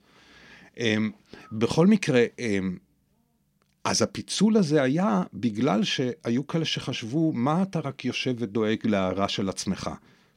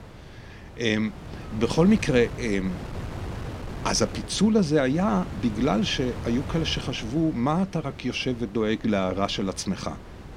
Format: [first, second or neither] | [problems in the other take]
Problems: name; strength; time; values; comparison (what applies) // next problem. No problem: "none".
first | wind noise on the microphone; occasional gusts; 15 dB below the speech